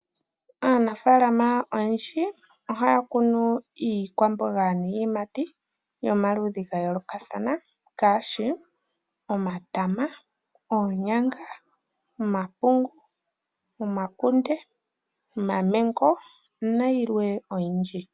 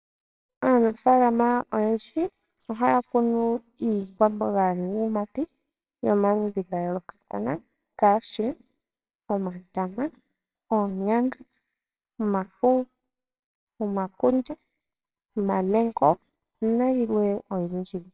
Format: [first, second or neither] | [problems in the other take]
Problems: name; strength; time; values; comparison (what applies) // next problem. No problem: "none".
first | noise reduction (neural separator model SepFormer WHAMR!)